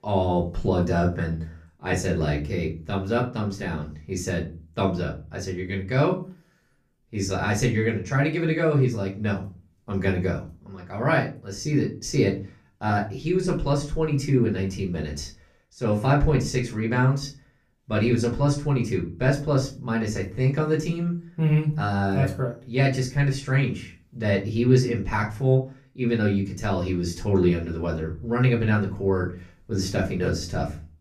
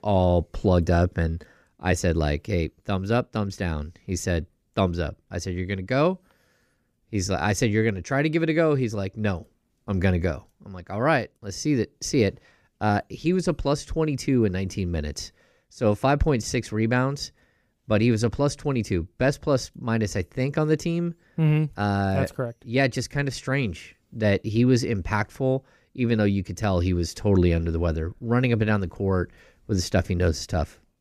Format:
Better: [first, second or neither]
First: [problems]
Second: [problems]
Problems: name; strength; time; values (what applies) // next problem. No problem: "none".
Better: second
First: off-mic speech; far // room echo; very slight; dies away in 0.3 s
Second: none